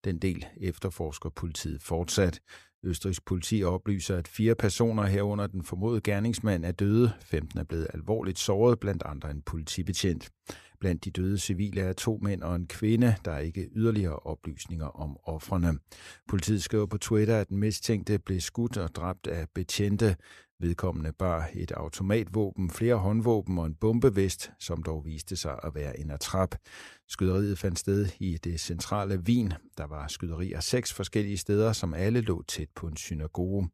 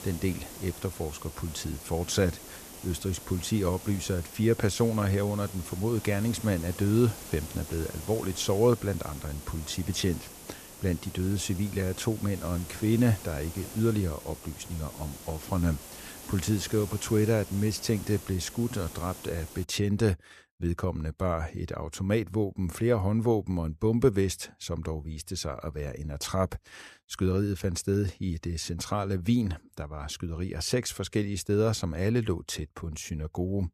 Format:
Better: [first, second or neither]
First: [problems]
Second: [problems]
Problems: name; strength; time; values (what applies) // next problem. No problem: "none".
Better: first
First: none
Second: hiss; noticeable; until 20 s; 15 dB below the speech